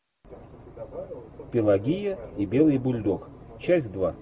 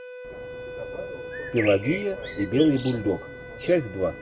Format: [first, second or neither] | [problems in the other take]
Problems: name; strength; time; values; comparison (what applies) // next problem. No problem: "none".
first | background sound (Bird + Wind instrument, woodwind instrument); 10 dB below the speech